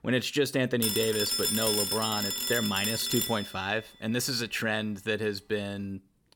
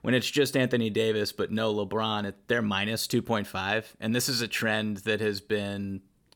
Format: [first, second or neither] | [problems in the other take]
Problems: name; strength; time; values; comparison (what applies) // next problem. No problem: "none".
second | phone ringing; loud; from 1 to 3.5 s; peak 4 dB above the speech